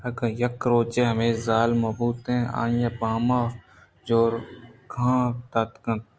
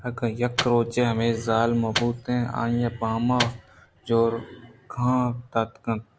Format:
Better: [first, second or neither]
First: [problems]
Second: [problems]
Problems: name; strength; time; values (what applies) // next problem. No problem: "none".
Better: first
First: none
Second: background sound (Microwave oven); 10 dB below the speech